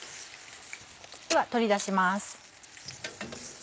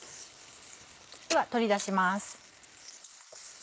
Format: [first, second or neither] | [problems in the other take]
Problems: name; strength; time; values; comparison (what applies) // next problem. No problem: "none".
first | noise reduction (neural mask model Resemble Enhance denoiser)